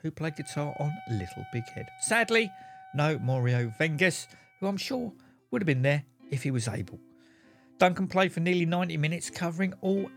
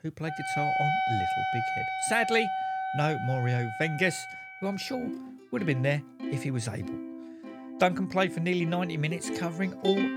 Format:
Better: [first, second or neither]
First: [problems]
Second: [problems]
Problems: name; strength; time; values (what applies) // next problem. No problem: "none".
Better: first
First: background music; faint; throughout; 20 dB below the speech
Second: background music; loud; throughout; 3 dB below the speech